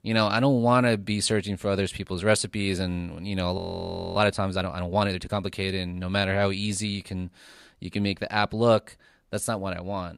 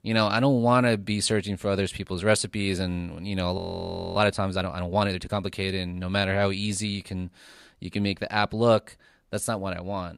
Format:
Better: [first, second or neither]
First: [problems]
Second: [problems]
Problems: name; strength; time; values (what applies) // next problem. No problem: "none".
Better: neither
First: audio freezing; at 3.5 s for 0.5 s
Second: audio freezing; at 3.5 s for 0.5 s